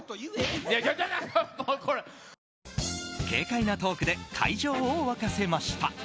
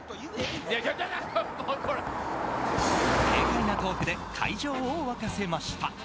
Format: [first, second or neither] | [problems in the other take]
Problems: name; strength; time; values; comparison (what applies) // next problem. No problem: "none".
first | background sound (Car passing by); 1 dB above the speech